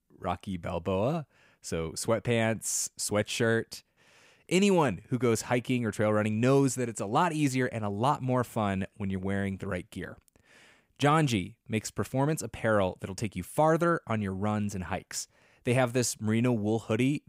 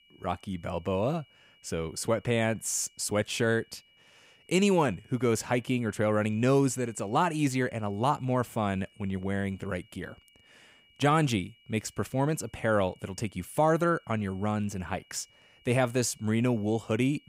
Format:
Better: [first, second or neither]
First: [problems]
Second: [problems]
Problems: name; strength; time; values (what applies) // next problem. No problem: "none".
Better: first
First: none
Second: high-pitched whine; faint; throughout; 3 kHz, 30 dB below the speech